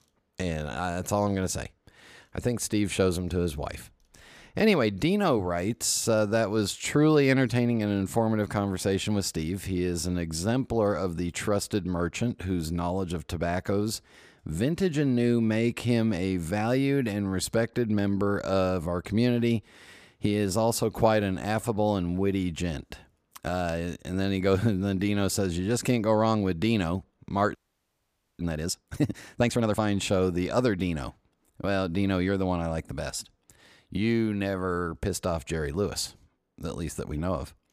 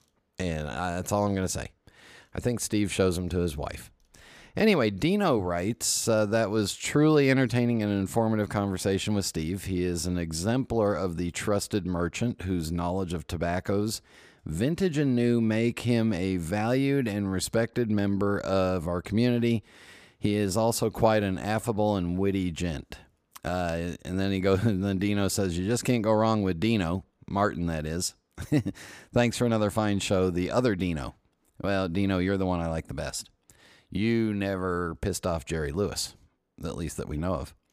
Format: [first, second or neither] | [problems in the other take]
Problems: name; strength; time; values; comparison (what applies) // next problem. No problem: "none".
second | audio freezing; at 28 s for 1 s